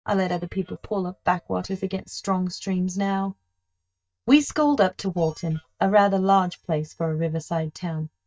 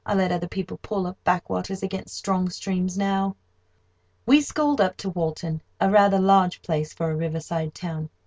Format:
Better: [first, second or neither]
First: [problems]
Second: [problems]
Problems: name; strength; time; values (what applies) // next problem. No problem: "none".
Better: second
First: noise reduction (neural mask model DeepFilterNet 3)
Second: none